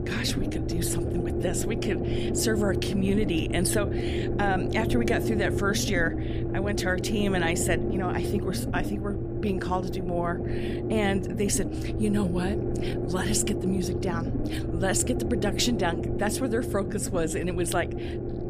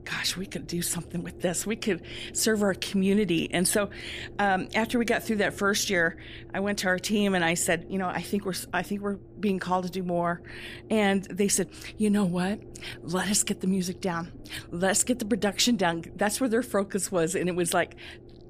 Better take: second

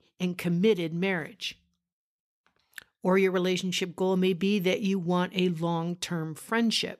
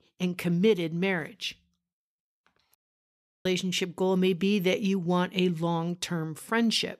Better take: first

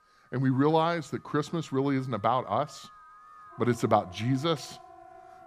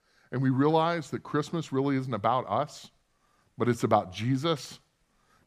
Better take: second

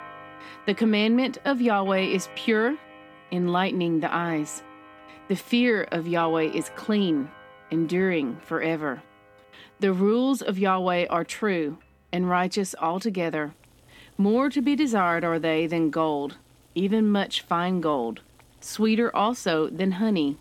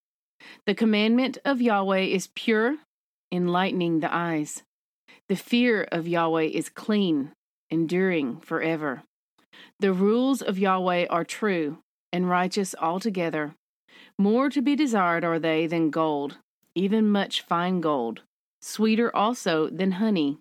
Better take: second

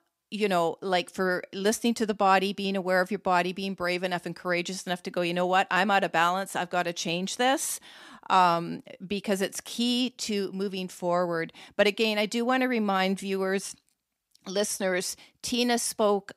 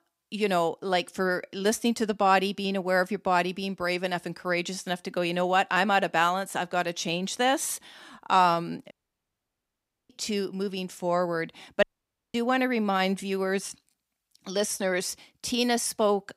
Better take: first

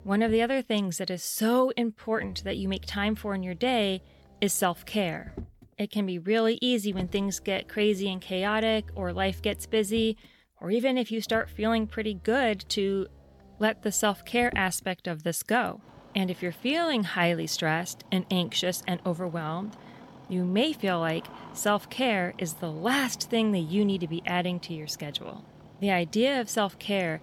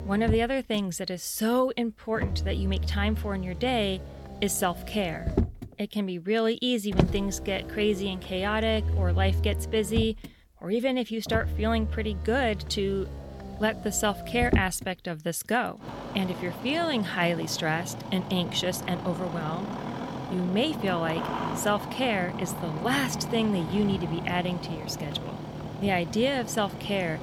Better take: first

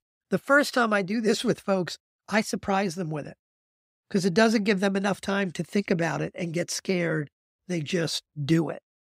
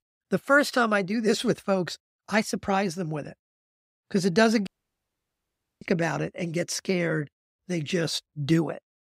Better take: first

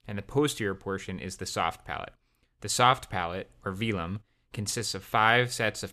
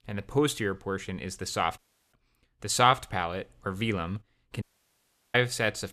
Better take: first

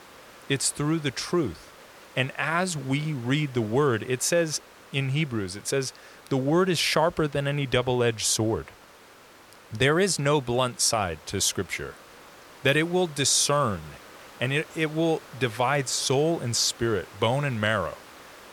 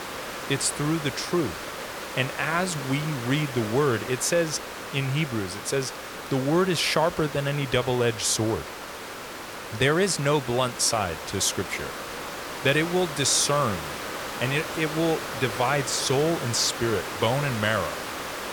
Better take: first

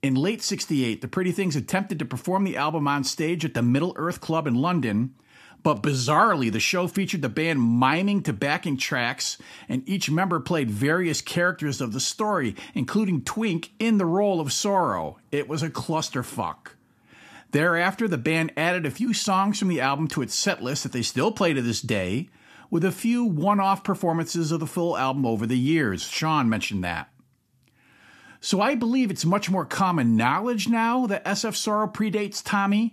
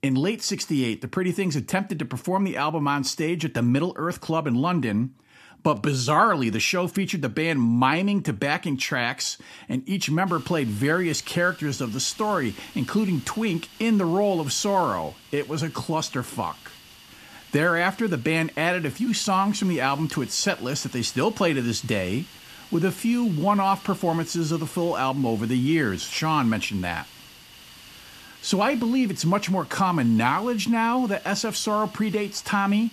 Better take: first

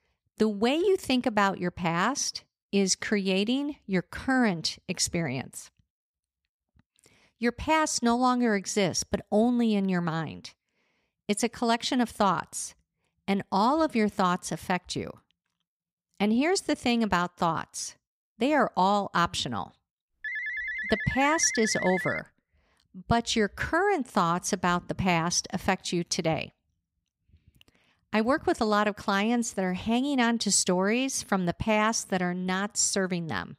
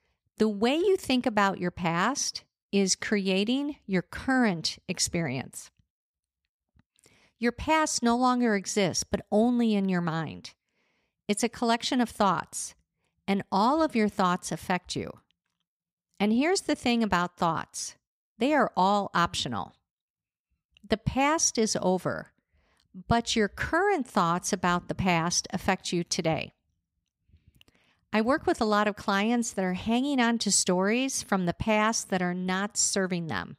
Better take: second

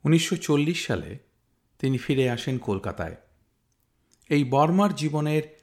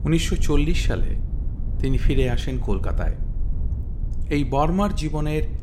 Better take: first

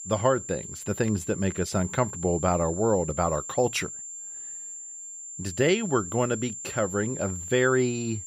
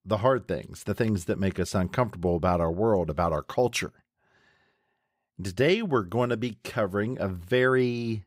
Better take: second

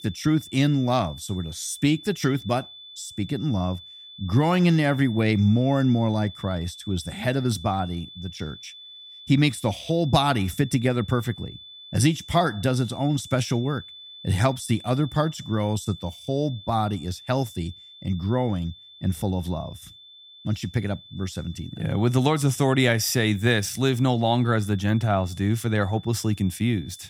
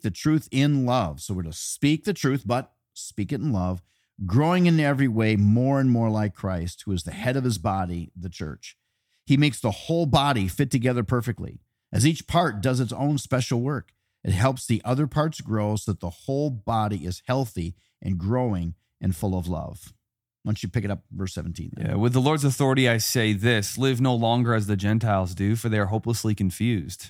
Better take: second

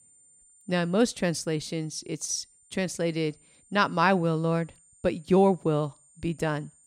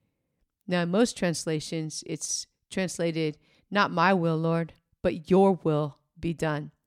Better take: second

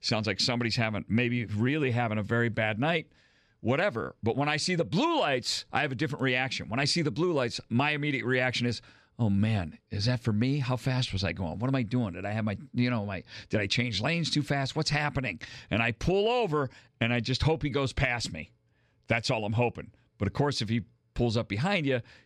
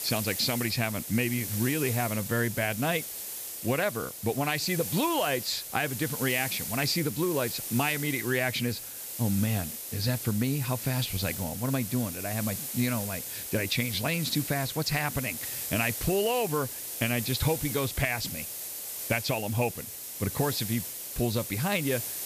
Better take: first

